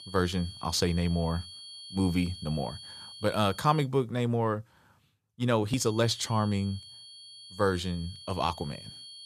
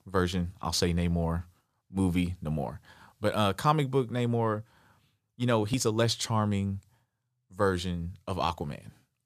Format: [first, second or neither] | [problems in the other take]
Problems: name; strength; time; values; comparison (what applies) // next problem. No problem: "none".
second | high-pitched whine; noticeable; until 4 s and from 6 s on; 4.5 kHz, 15 dB below the speech